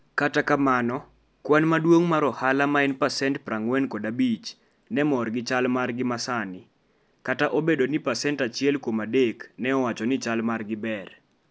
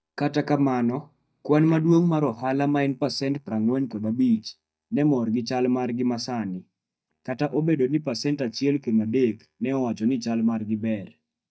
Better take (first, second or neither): first